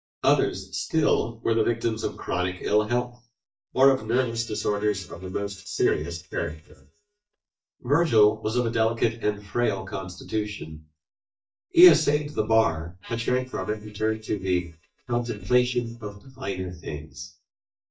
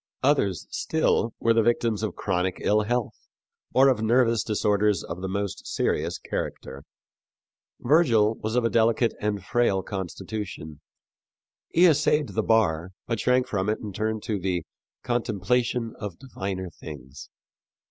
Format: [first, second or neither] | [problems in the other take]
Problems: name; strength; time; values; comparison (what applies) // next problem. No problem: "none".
second | noise reduction (neural mask model DeepFilterNet 3)